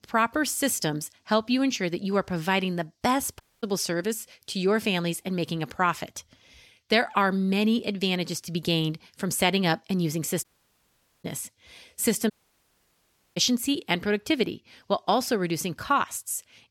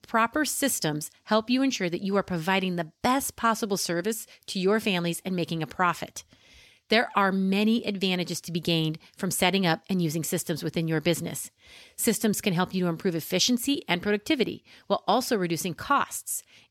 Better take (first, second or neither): second